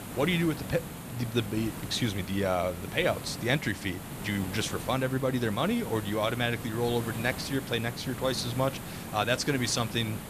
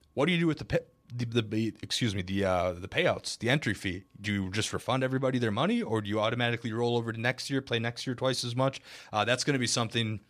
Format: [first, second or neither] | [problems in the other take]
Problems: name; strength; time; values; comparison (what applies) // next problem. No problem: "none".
second | hiss; loud; throughout; 9 dB below the speech